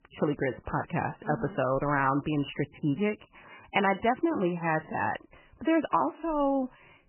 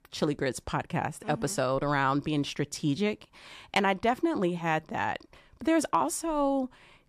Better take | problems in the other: second | garbled, watery; badly; nothing above 3 kHz

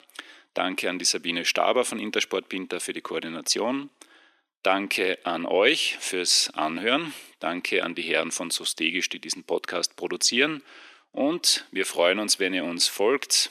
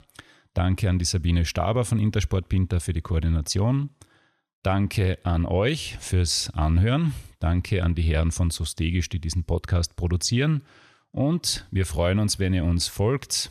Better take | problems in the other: second | thin; very; fading below 300 Hz

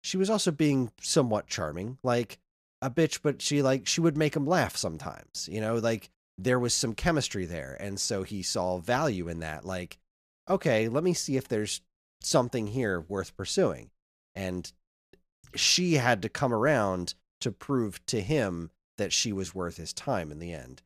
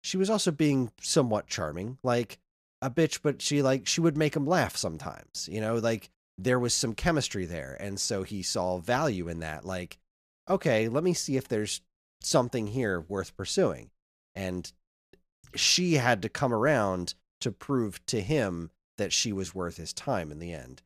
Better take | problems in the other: neither | none

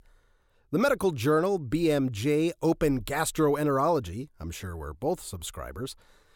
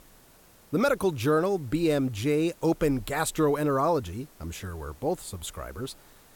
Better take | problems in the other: first | hiss; faint; throughout; 25 dB below the speech

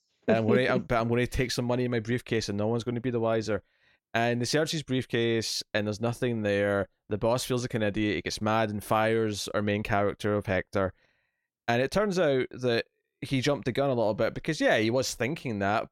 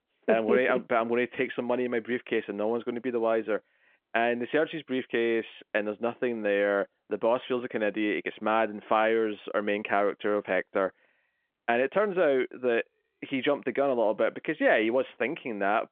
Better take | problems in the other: first | phone-call audio; nothing above 3.5 kHz

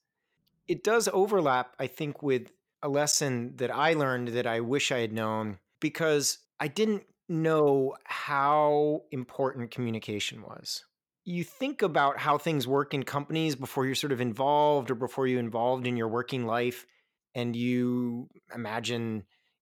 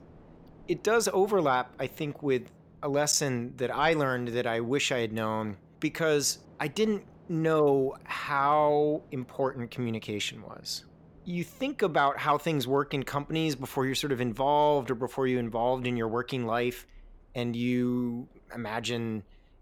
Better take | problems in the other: first | train or aircraft noise; faint; throughout; 30 dB below the speech

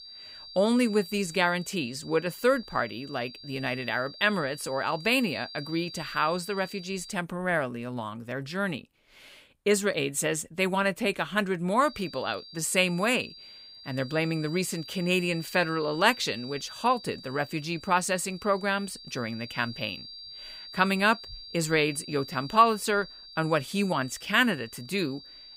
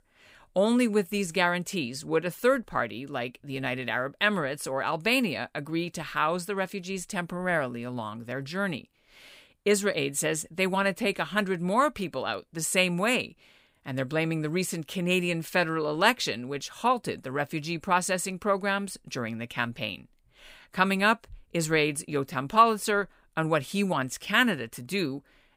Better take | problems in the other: second | high-pitched whine; noticeable; until 7 s and from 12 s on; 4.5 kHz, 15 dB below the speech

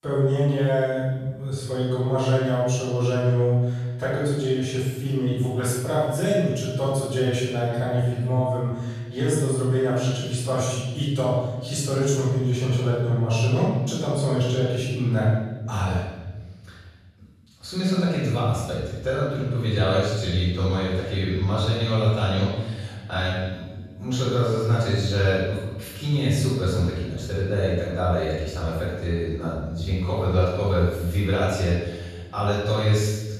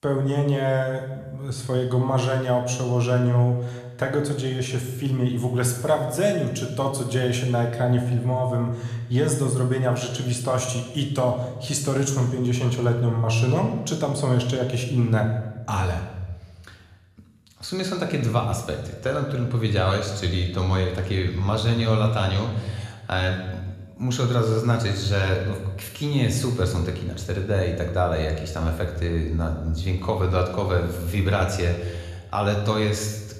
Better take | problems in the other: second | room echo; strong; dies away in 1.3 s; slight in the second // off-mic speech; far

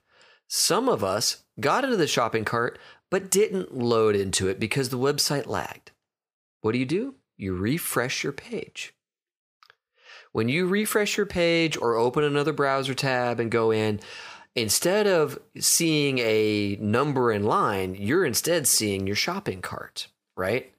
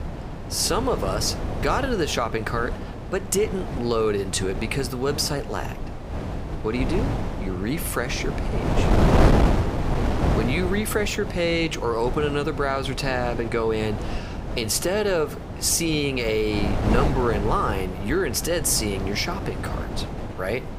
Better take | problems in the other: first | wind noise on the microphone; heavy; 6 dB below the speech

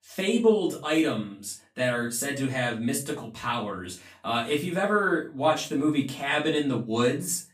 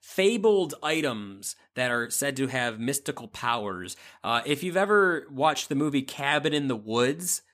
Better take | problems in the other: second | room echo; slight; dies away in 0.3 s // off-mic speech; far

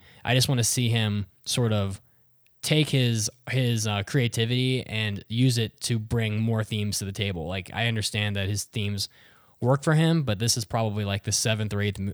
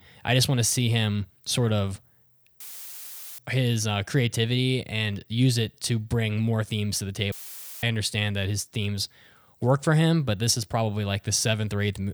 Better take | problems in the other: first | audio cutting out; filled with static; at 2.5 s for 1 s and at 7.5 s for 0.5 s

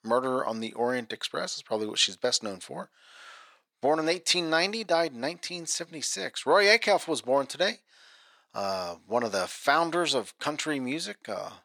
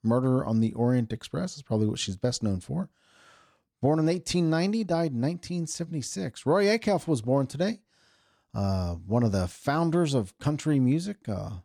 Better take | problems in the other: second | thin; very; fading below 550 Hz

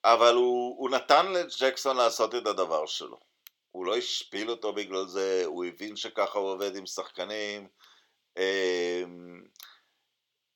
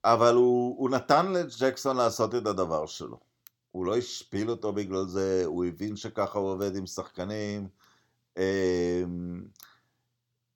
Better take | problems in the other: second | thin; somewhat; fading below 500 Hz

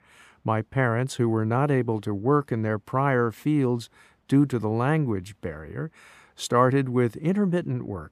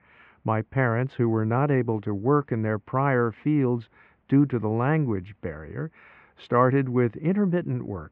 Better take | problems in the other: first | muffled; very; fading above 2.5 kHz

